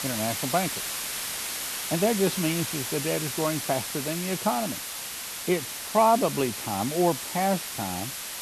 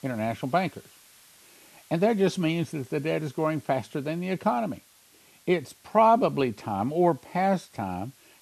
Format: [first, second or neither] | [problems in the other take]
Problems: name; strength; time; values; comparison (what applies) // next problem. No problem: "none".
second | hiss; loud; throughout; 3 dB below the speech; faint in the second